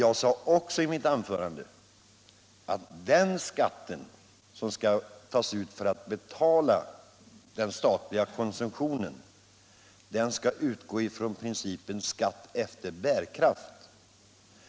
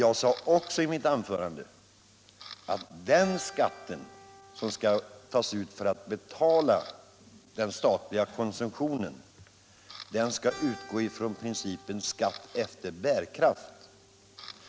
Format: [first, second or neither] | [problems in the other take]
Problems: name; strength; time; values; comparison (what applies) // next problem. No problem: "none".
first | background sound (Camera + Keyboard (musical)); 20 dB below the speech